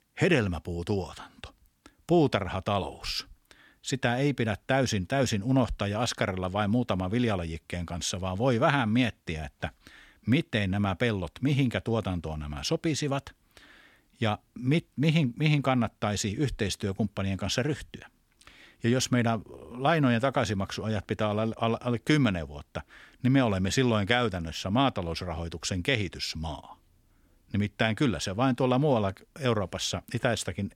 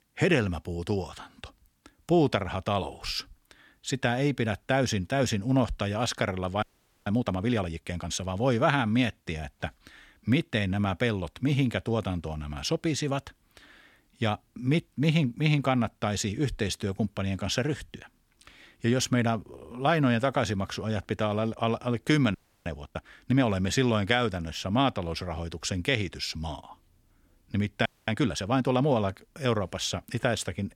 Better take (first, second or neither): first